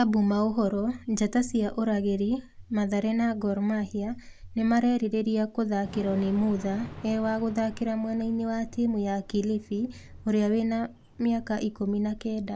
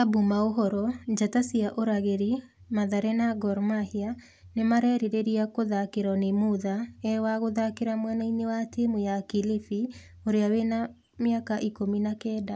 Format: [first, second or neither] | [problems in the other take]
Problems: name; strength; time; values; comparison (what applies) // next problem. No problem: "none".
second | background sound (Thunder / Rain); 19 dB below the speech